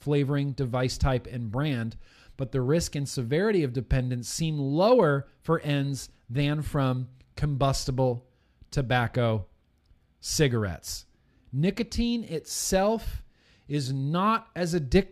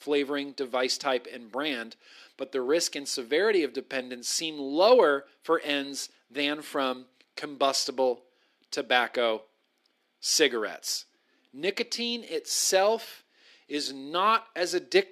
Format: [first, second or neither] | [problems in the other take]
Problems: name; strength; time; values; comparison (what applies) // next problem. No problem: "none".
first | thin; somewhat; fading below 300 Hz